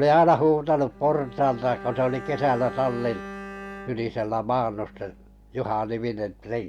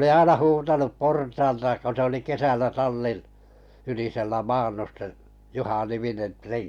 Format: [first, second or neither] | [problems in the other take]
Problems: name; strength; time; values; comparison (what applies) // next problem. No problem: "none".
second | background sound (Bowed string instrument); 16 dB below the speech